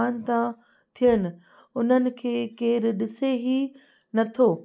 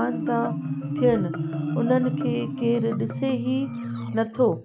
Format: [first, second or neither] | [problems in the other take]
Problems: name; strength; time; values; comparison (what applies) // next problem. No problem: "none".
first | background sound (Marimba, xylophone); 4 dB below the speech